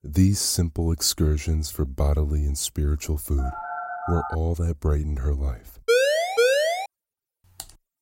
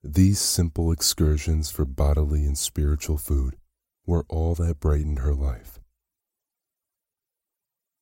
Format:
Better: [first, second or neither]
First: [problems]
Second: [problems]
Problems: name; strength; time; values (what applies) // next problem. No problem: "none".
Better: second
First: phone ringing; noticeable; at 3.5 s; peak 7 dB below the speech // siren; loud; at 6 s; peak 5 dB above the speech // keyboard typing; faint; at 7.5 s; peak 15 dB below the speech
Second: none